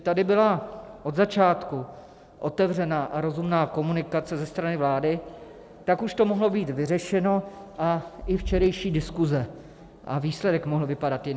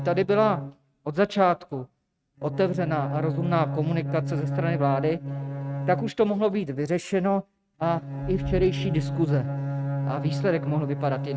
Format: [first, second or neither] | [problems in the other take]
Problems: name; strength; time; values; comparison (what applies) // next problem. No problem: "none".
first | noise reduction (neural mask model RNNoise)